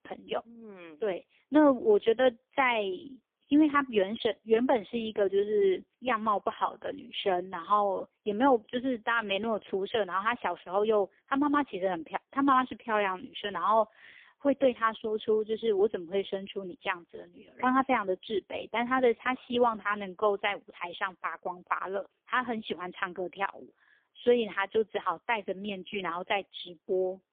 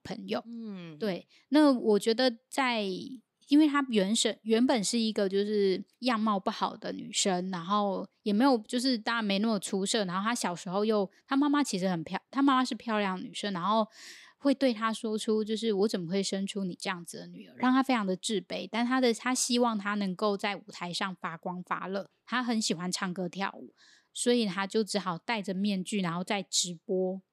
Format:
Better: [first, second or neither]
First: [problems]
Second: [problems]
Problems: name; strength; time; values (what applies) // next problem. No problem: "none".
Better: second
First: phone-call audio; poor line; nothing above 3.5 kHz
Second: none